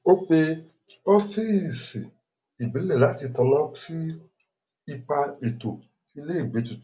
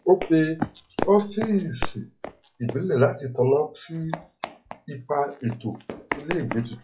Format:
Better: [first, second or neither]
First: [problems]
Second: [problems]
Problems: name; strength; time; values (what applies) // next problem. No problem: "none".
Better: first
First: none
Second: noise reduction (classical method log-MMSE)